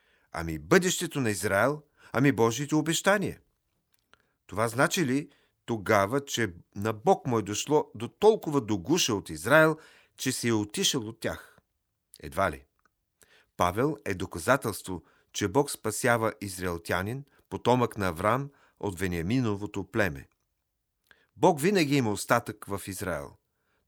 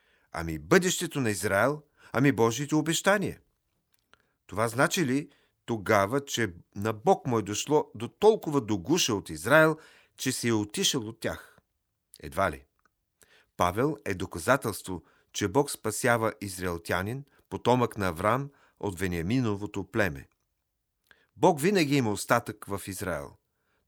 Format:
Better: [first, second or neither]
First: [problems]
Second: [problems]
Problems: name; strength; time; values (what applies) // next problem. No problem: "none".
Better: neither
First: none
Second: none